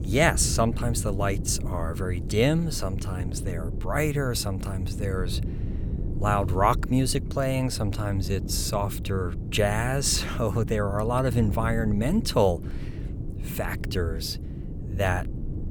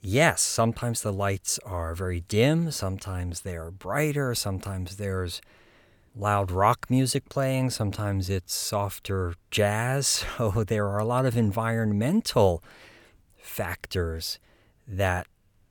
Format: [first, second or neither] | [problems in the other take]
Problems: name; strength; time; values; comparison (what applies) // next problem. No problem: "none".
second | wind noise on the microphone; occasional gusts; 15 dB below the speech